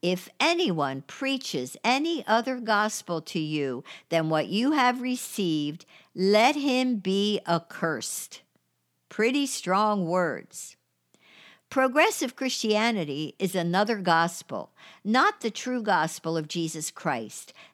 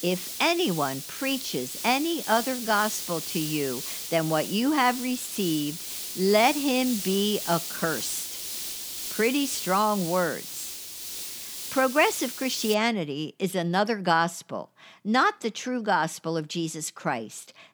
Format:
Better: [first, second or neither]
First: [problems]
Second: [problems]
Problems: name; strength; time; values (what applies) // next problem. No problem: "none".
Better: first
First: none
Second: hiss; loud; until 13 s; 7 dB below the speech